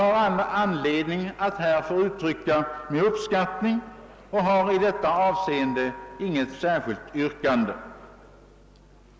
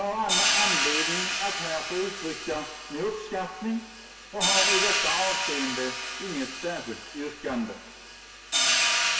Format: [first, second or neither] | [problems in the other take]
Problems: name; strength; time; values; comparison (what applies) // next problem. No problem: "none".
first | background sound (Hi-hat); 4 dB above the speech // room echo; dies away in 0.2 s